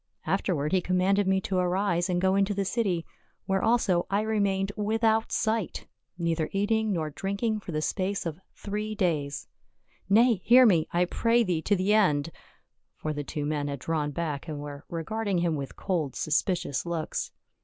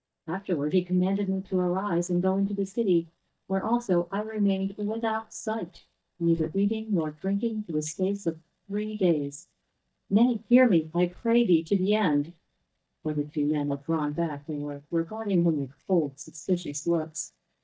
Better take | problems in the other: first | noise reduction (neural mask model DeepFilterNet 3)

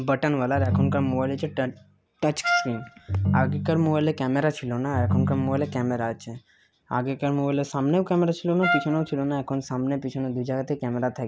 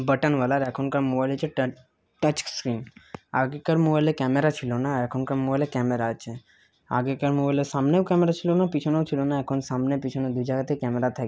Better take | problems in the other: second | background sound (Ringtone + Trumpet); 2 dB below the speech

